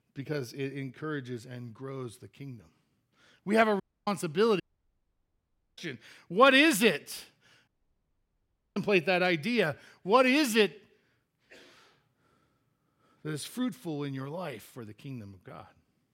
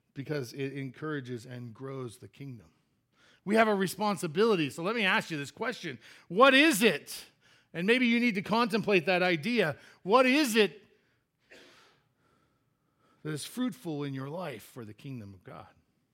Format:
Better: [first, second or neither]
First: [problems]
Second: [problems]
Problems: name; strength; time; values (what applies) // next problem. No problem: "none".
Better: second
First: audio cutting out; at 4 s, at 4.5 s for 1 s and at 7.5 s for 1 s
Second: none